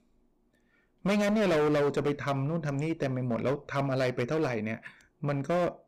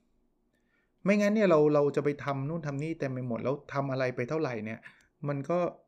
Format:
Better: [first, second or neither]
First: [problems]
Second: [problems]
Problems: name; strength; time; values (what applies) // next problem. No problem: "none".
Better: second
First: distortion; heavy; 16% of the sound clipped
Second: none